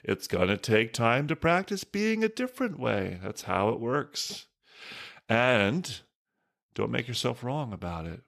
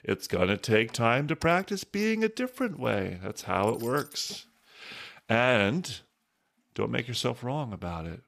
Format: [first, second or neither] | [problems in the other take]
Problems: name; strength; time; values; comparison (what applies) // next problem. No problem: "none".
first | household noises; faint; throughout; 20 dB below the speech